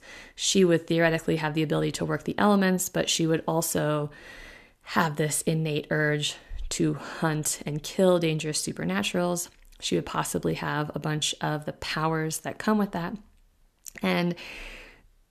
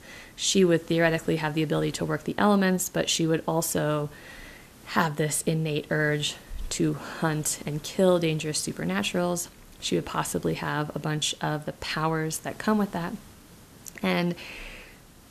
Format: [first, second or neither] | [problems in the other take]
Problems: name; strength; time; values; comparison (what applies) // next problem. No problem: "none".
first | hiss; faint; throughout; 25 dB below the speech